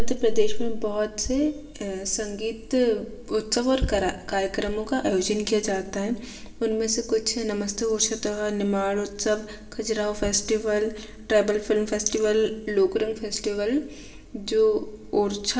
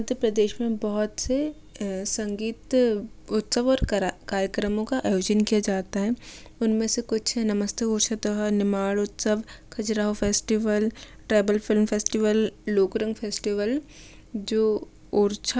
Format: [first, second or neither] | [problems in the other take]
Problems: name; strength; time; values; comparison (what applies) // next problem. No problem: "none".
second | room echo; dies away in 0.8 s